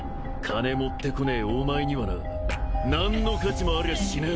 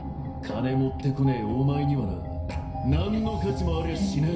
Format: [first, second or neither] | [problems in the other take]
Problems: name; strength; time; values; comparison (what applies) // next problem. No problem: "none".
first | room echo; dies away in 0.5 s